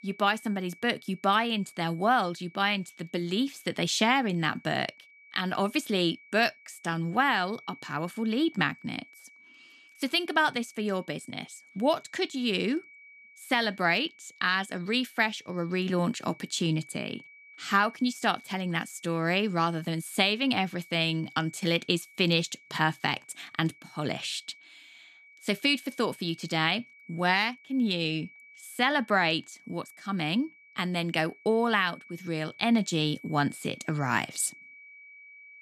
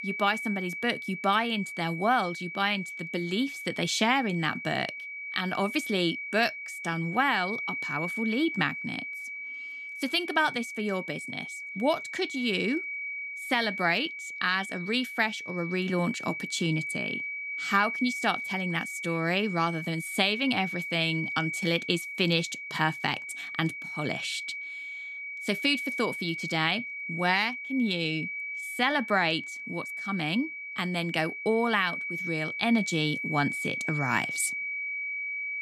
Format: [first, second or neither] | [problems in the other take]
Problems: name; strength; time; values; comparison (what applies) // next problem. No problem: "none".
first | high-pitched whine; loud; throughout; 2.5 kHz, 5 dB below the speech; faint in the first